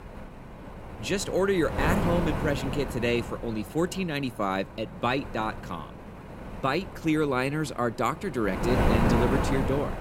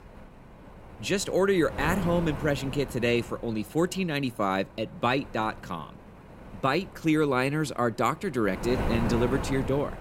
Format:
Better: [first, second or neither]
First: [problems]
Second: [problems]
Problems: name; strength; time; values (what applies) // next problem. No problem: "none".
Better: second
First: wind noise on the microphone; heavy; 4 dB below the speech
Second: wind noise on the microphone; occasional gusts; 10 dB below the speech